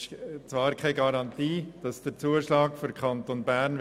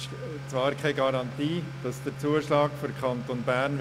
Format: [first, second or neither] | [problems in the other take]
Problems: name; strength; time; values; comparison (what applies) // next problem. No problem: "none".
first | background sound (Accelerating, revving, vroom / Motor vehicle (road)); 10 dB below the speech